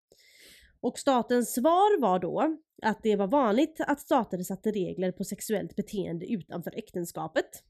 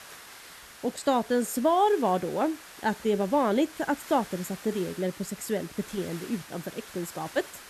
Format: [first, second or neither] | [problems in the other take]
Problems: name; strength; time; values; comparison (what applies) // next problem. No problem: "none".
first | hiss; noticeable; throughout; 15 dB below the speech